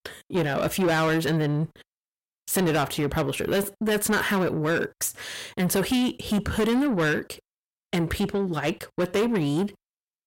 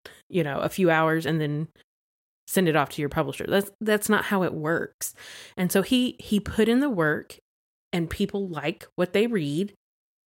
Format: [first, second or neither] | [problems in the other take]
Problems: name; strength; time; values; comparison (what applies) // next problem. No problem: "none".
second | distortion; heavy; 7 dB below the speech